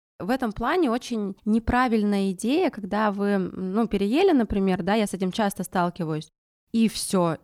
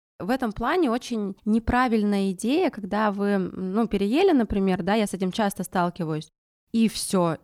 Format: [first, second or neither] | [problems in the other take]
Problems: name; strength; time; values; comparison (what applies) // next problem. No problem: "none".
neither | none